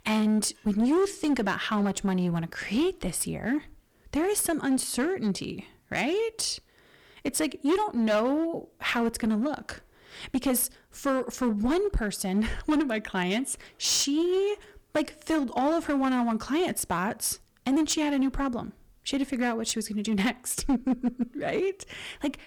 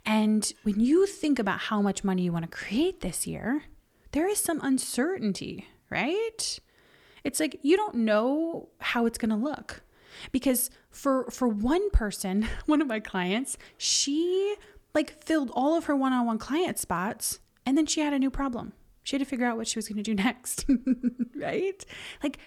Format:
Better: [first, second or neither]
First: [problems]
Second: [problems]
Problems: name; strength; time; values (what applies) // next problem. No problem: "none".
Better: second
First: distortion; slight; 9% of the sound clipped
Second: none